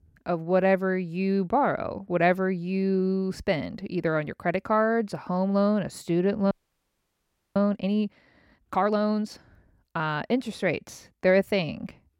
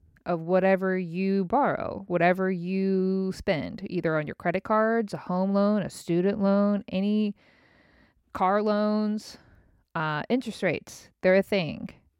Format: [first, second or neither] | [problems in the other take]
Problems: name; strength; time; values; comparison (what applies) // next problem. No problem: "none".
second | audio freezing; at 6.5 s for 1 s